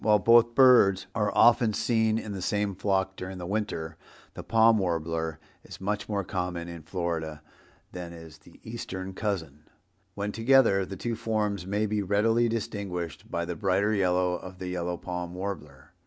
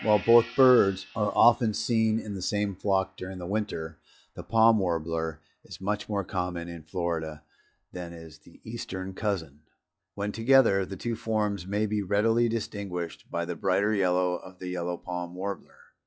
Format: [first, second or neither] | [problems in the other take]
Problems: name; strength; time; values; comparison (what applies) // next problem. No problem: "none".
first | noise reduction (classical method log-MMSE)